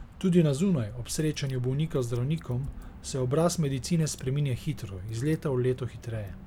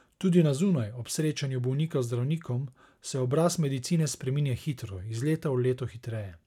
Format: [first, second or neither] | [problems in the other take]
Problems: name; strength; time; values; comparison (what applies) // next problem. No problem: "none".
second | background sound (Drip / Water); 16 dB below the speech